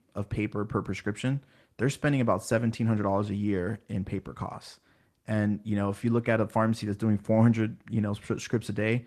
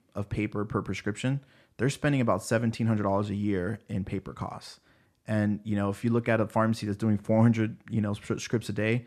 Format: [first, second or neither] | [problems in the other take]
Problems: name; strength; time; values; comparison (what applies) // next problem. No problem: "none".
second | garbled, watery; slightly; nothing above 13.5 kHz